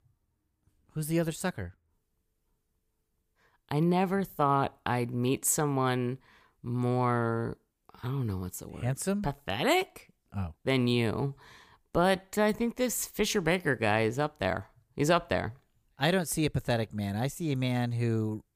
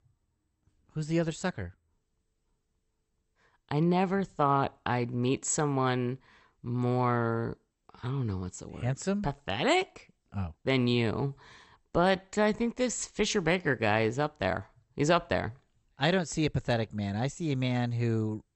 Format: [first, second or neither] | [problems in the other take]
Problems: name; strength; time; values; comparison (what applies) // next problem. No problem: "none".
first | garbled, watery; slightly; nothing above 8 kHz